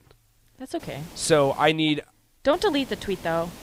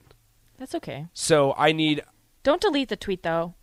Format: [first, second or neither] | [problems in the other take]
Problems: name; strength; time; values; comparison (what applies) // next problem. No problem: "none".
second | hiss; noticeable; at 1 s and from 2.5 s on; 20 dB below the speech